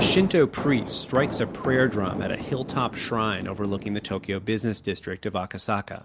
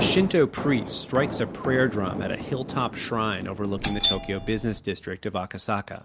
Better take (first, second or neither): first